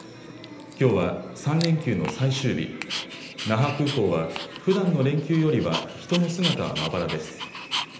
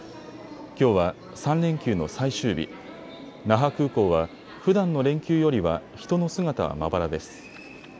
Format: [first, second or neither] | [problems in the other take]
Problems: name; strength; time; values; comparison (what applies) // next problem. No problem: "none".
second | background sound (Dog); 11 dB below the speech // room echo; dies away in 1 s